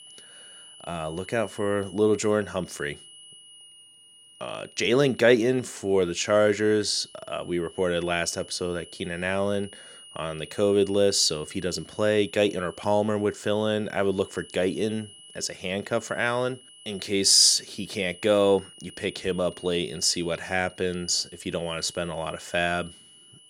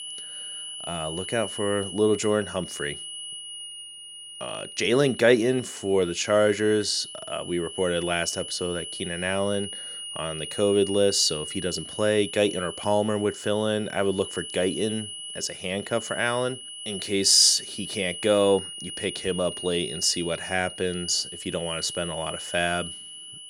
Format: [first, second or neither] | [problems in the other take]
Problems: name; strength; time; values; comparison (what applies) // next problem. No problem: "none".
first | high-pitched whine; loud; throughout; 3 kHz, 10 dB below the speech; faint in the first